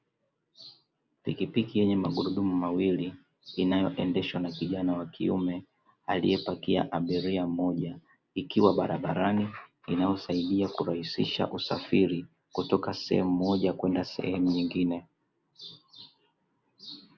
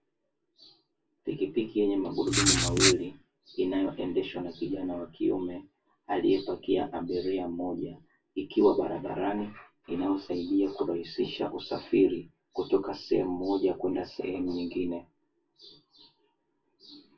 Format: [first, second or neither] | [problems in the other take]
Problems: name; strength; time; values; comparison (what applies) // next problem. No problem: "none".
first | background sound (Writing); 4 dB above the speech // room echo; dies away in 0.1 s